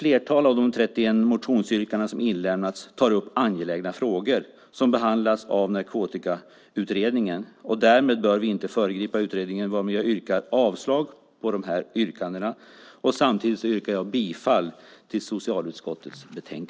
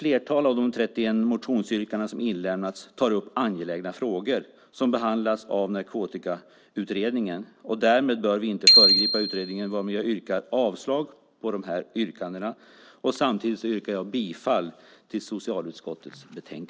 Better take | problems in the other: first | background sound (Bicycle bell); 4 dB above the speech

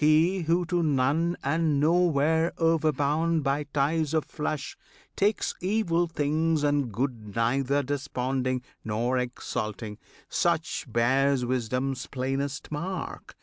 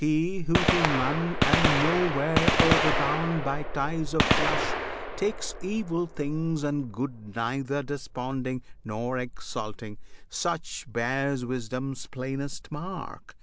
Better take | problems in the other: first | background sound (Gunshot, gunfire); as loud as the speech

